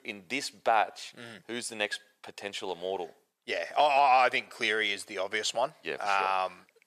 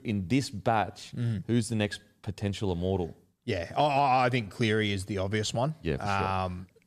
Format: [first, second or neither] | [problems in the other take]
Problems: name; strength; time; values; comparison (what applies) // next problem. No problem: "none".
second | thin; very; fading below 650 Hz